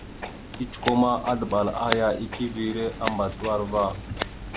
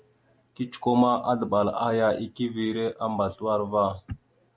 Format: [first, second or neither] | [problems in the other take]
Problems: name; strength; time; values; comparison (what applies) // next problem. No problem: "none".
second | background sound (Scissors); 8 dB below the speech